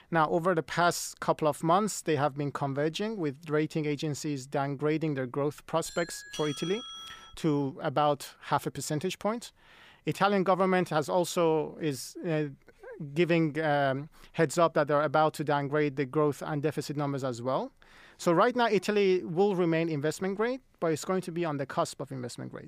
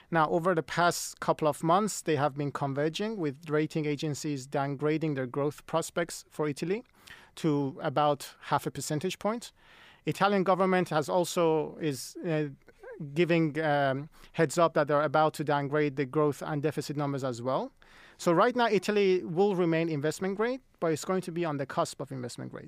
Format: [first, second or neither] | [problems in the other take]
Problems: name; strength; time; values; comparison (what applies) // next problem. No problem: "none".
second | doorbell; noticeable; from 6 to 7.5 s; peak 9 dB below the speech